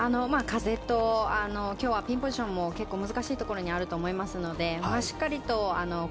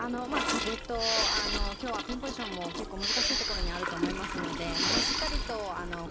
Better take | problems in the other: first | background sound (Toilet flush / Gurgling + Respiratory sounds); 4 dB above the speech

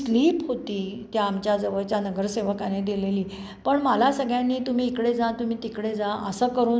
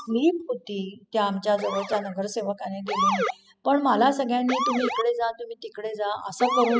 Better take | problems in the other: first | noise reduction (classical method spectral subtraction)

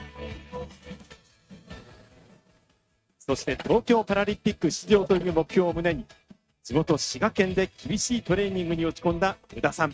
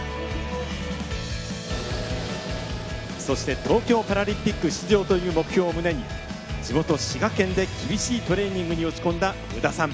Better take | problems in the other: second | noise reduction (neural mask model RNNoise)

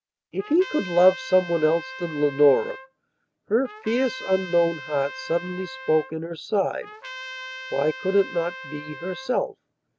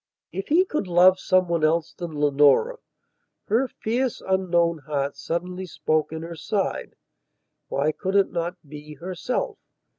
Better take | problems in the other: second | background sound (Trumpet); 14 dB below the speech

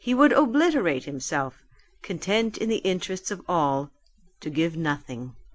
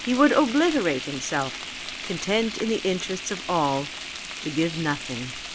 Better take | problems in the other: first | background sound (Frying (food)); 10 dB below the speech

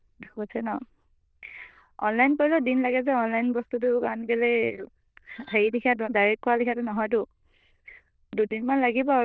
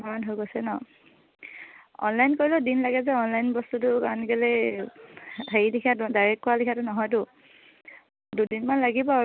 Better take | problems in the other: second | noise reduction (neural diffusion model UNIVERSE++)

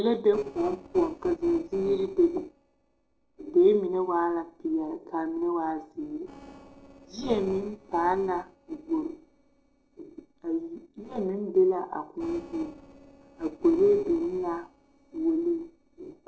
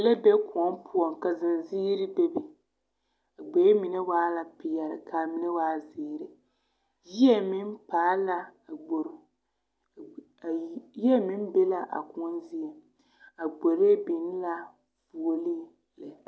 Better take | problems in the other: second | noise reduction (neural separator model SepFormer DNS4)

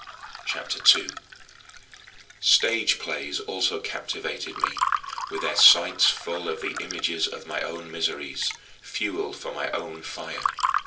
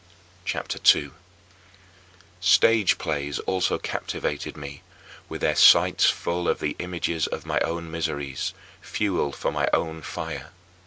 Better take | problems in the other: second | background sound (Fill (with liquid) / Water); 7 dB below the speech // room echo; dies away in 0.3 s

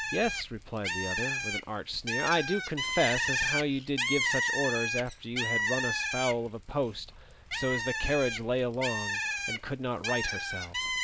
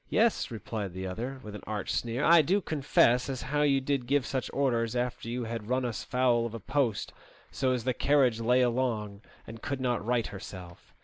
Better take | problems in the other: second | background sound (Bird); 1 dB below the speech

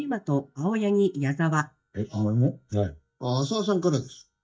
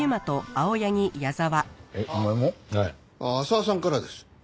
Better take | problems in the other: second | noise reduction (neural mask model DeepFilterNet 3)

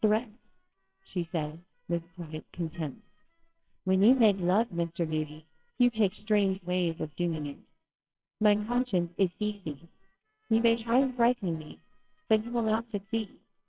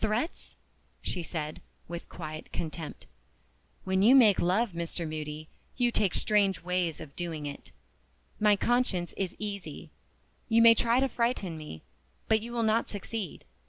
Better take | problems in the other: second | noise reduction (neural separator model SepFormer WHAMR!)

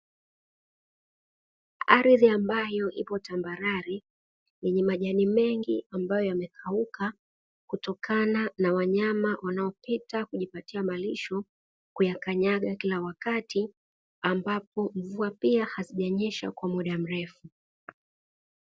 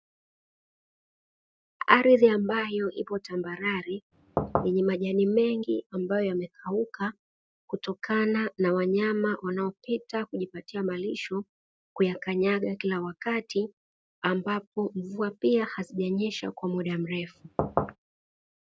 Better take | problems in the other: first | noise reduction (neural mask model RNNoise)

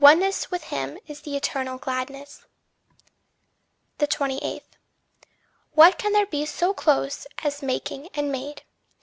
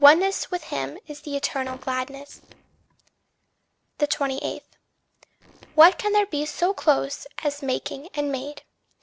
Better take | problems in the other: first | noise reduction (neural separator model SepFormer DNS4)

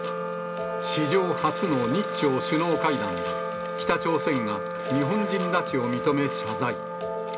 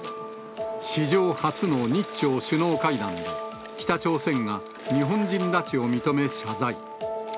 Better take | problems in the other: second | background sound (Wind instrument, woodwind instrument); 5 dB below the speech // room echo; dies away in 0.3 s

